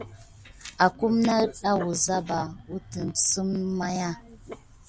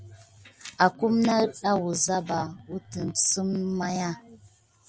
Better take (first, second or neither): second